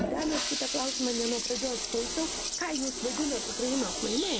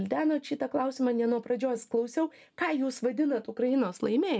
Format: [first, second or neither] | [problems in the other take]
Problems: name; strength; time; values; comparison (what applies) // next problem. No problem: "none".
second | background sound (Toilet flush); 1 dB below the speech